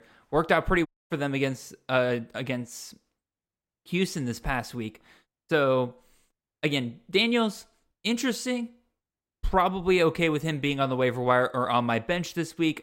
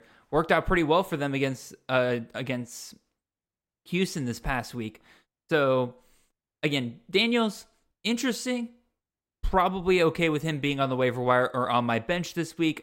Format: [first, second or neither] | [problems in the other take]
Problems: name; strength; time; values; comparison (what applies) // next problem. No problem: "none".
second | audio cutting out; at 1 s